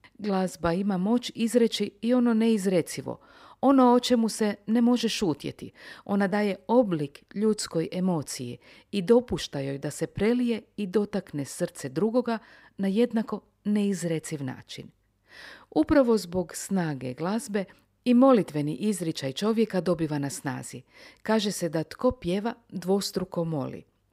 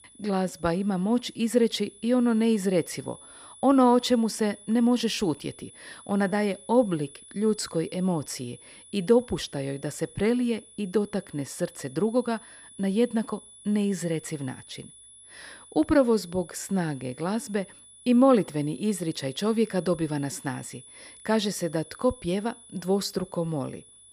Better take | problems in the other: first | high-pitched whine; faint; throughout; 10 kHz, 20 dB below the speech

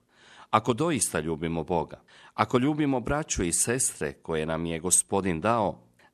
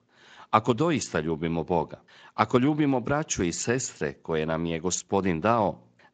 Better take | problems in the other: first | garbled, watery; slightly; nothing above 7.5 kHz

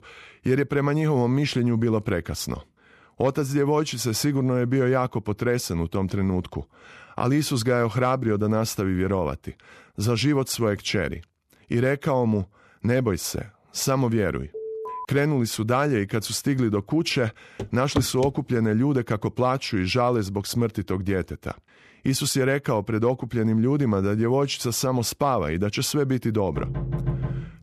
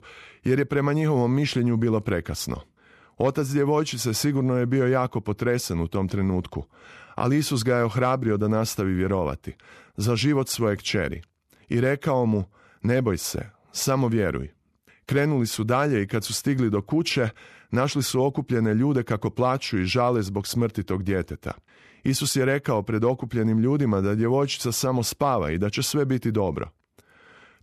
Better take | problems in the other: second | alarm; noticeable; at 15 s; peak 9 dB below the speech // footsteps; noticeable; at 18 s; peak 6 dB below the speech // door banging; noticeable; at 27 s; peak 3 dB below the speech

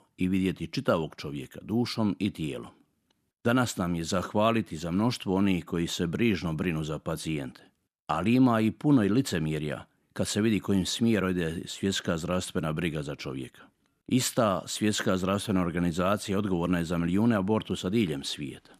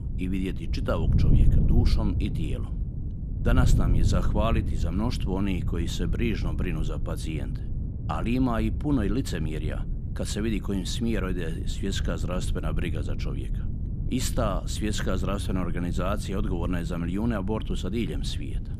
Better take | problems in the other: first | wind noise on the microphone; heavy; 9 dB below the speech

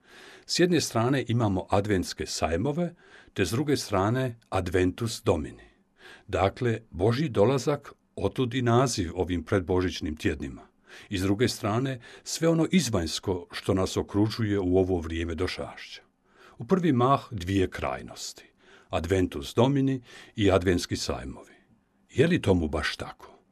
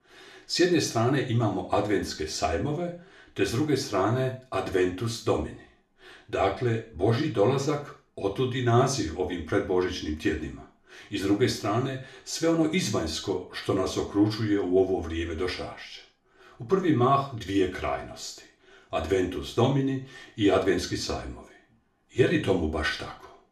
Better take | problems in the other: first | room echo; slight; dies away in 0.4 s // off-mic speech; far

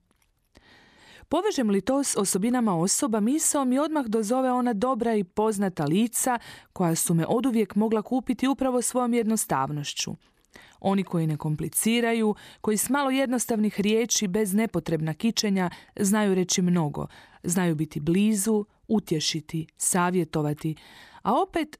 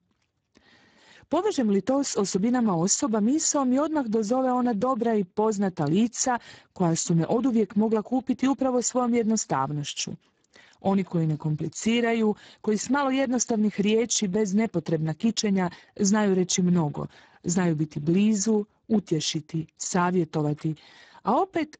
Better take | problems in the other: first | garbled, watery; badly; nothing above 7.5 kHz

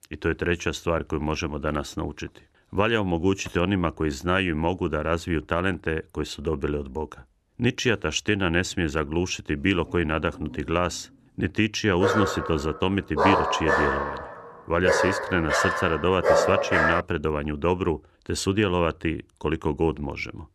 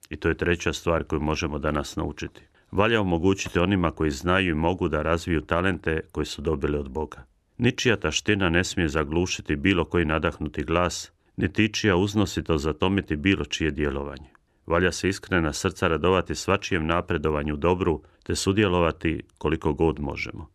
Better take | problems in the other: second | dog barking; loud; from 12 to 17 s; peak 5 dB above the speech

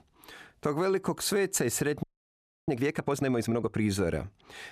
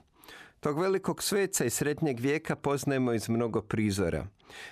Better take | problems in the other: second | audio freezing; at 2 s for 0.5 s

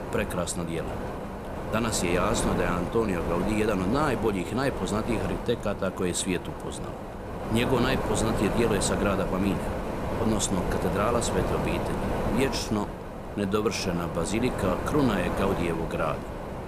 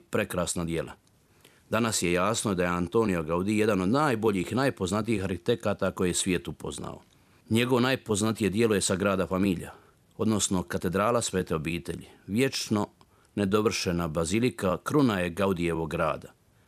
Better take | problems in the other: second | wind noise on the microphone; heavy; 3 dB below the speech

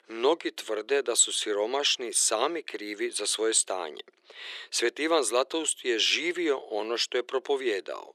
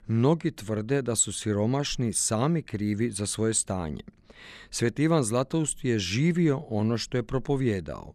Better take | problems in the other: second | thin; very; fading below 350 Hz

